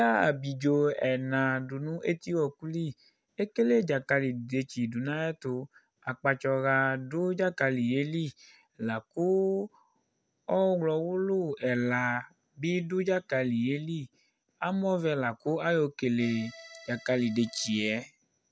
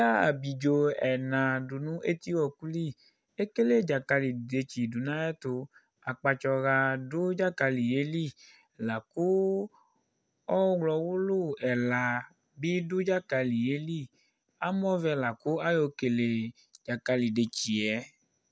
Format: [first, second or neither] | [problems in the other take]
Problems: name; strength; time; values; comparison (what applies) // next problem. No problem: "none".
second | background sound (Accordion); 20 dB below the speech